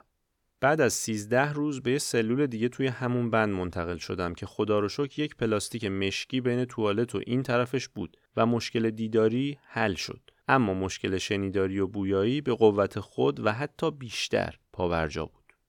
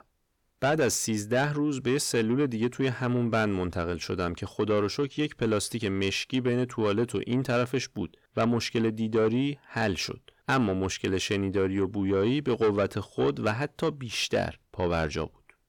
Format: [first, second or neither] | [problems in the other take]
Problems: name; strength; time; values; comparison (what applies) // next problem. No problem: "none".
first | distortion; slight; 10 dB below the speech